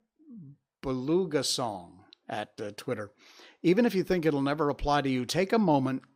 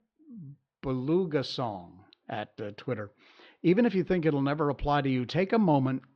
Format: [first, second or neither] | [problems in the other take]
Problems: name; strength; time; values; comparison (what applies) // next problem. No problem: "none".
first | muffled; slightly; fading above 4 kHz